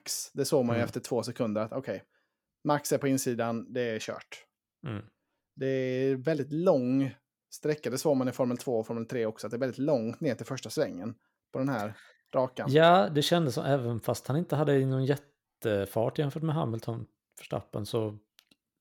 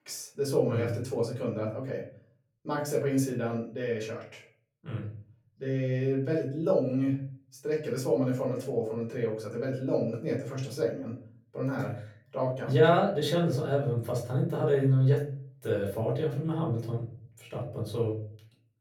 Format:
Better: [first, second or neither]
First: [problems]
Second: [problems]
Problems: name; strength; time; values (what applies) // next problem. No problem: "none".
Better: first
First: none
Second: room echo; slight; dies away in 0.5 s // off-mic speech; far